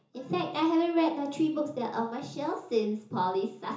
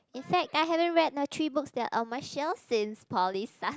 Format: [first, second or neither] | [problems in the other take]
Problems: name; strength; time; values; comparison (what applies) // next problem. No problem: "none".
second | room echo; dies away in 0.7 s